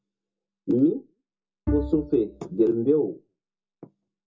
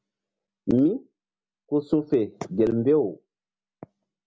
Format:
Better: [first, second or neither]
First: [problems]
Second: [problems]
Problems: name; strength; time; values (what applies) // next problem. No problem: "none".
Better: second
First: background sound (Bowed string instrument); 8 dB below the speech // room echo; dies away in 0.2 s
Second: none